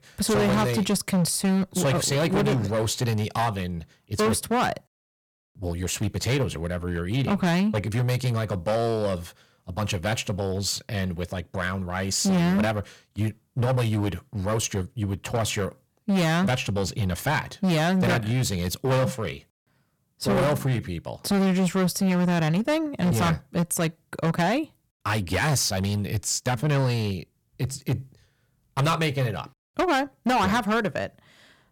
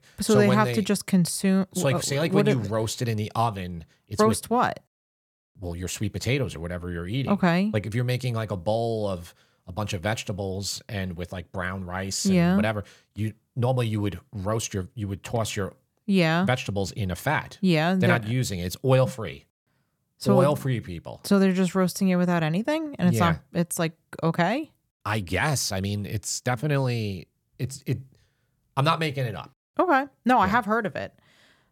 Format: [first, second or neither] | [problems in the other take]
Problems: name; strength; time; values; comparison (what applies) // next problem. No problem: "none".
second | distortion; heavy; 14% of the sound clipped